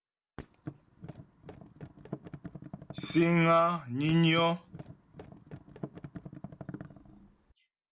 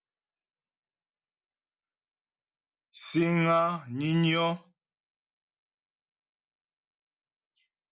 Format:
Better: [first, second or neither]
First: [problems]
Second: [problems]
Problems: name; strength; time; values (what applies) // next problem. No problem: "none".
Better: second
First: background sound (Thump, thud); 14 dB below the speech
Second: none